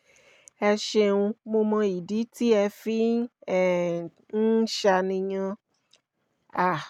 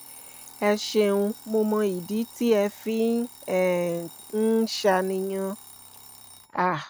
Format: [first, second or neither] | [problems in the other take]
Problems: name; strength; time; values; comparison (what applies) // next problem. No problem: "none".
first | background sound (Alarm); 20 dB below the speech